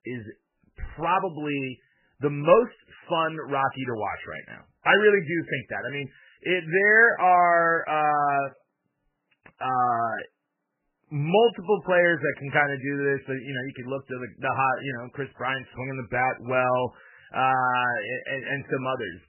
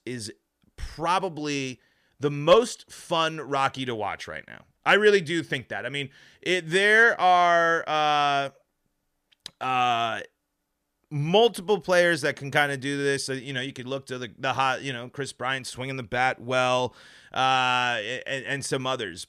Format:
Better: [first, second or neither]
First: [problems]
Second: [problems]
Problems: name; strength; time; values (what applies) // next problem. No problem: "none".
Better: second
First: garbled, watery; badly; nothing above 3 kHz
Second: none